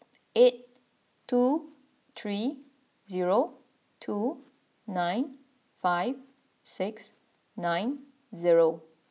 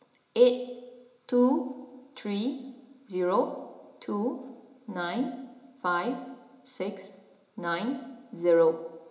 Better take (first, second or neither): first